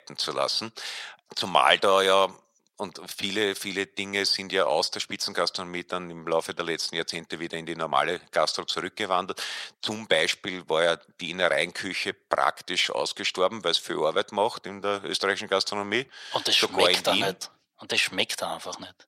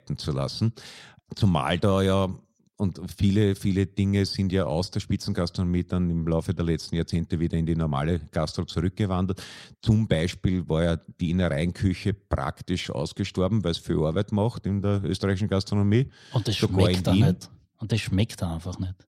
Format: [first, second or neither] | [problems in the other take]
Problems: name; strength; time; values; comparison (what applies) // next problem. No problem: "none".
second | thin; very; fading below 700 Hz